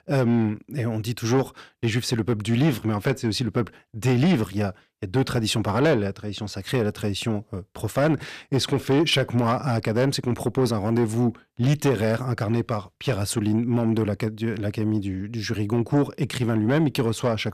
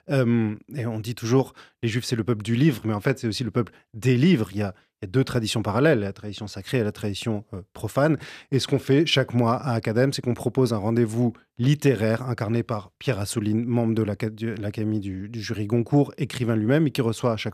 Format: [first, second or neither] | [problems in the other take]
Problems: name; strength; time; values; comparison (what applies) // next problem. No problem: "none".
second | distortion; slight; 10 dB below the speech